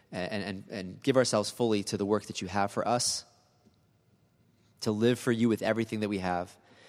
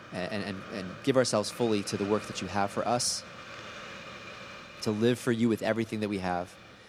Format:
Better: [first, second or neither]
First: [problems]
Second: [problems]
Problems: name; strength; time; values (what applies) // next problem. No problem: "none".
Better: first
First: none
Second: hiss; noticeable; throughout; 15 dB below the speech